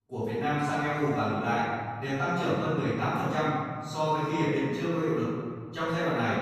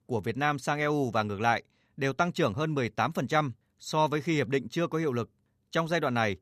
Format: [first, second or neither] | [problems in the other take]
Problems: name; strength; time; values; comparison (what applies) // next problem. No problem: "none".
second | off-mic speech; far // room echo; strong; dies away in 1.7 s